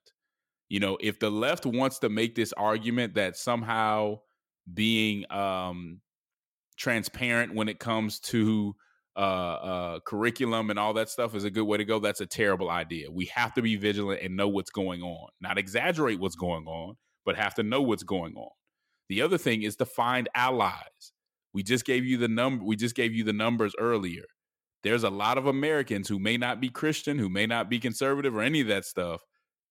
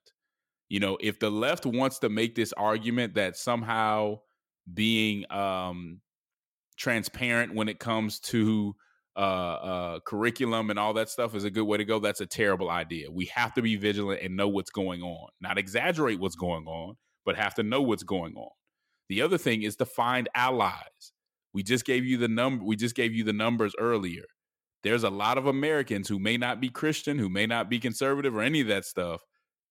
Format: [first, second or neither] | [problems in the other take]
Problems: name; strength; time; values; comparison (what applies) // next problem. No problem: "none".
neither | none